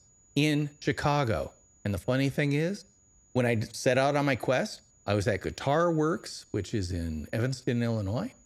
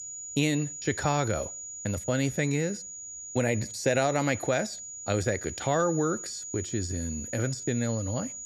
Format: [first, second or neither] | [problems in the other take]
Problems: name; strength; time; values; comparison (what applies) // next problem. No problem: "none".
first | high-pitched whine; loud; throughout; 7 kHz, 8 dB below the speech; faint in the first